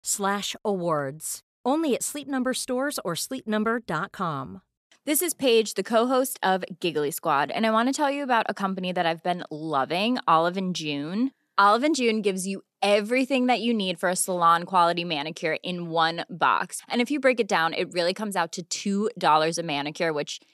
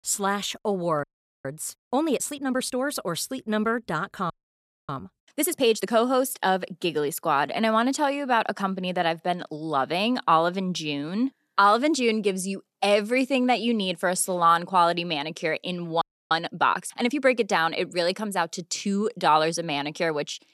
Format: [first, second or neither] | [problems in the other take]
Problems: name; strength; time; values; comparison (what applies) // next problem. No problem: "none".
first | audio freezing; at 1 s, at 4.5 s for 0.5 s and at 16 s